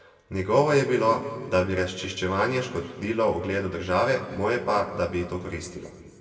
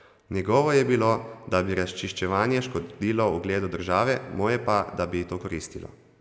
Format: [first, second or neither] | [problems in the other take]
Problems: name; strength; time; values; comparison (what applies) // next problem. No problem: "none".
second | room echo; dies away in 2 s